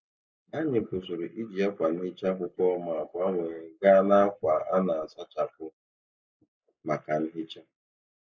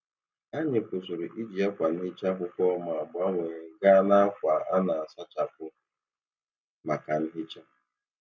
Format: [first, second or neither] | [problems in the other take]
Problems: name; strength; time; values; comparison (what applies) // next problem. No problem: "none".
second | noise reduction (neural mask model Resemble Enhance denoiser)